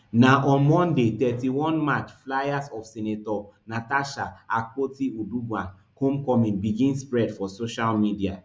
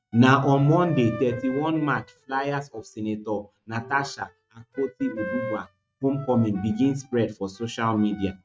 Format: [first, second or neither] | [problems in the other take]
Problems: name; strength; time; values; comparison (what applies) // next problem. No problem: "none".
first | noise reduction (neural mask model RNNoise)